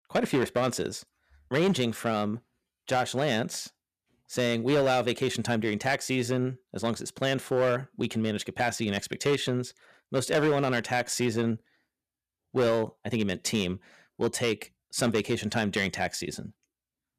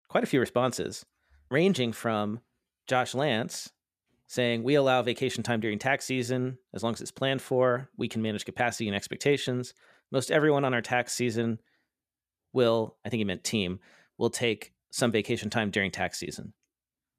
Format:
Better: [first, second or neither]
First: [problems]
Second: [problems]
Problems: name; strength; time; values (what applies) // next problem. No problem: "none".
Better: second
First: distortion; slight; 5% of the sound clipped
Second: none